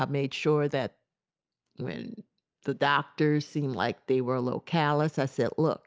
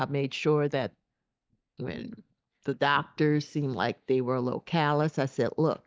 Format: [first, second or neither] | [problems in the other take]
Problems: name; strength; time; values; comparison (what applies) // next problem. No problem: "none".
first | noise reduction (neural mask model DeepFilterNet 3)